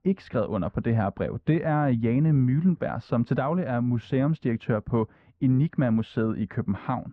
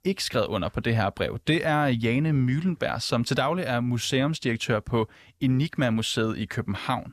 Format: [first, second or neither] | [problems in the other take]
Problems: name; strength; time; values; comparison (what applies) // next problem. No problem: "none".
second | muffled; very; fading above 1.5 kHz